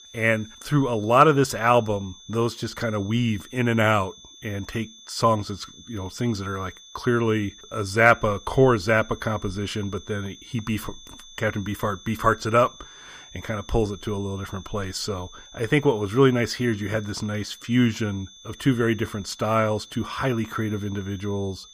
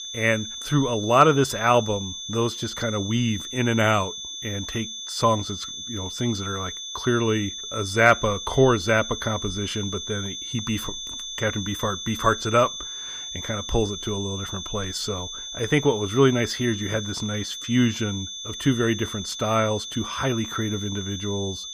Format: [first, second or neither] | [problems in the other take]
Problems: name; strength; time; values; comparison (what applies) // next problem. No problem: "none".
first | high-pitched whine; loud; throughout; 3.5 kHz, 8 dB below the speech; faint in the first